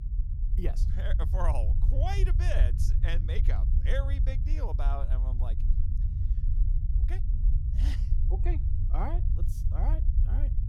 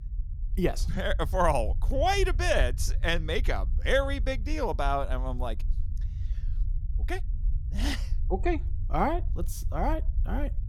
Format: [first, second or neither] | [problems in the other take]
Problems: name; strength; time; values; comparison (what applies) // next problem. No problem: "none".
second | low rumble; loud; throughout; 7 dB below the speech; faint in the second